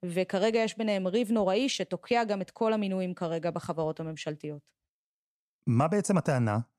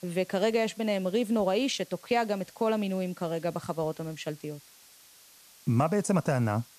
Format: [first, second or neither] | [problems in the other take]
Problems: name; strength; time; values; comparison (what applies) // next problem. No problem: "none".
first | hiss; faint; throughout; 25 dB below the speech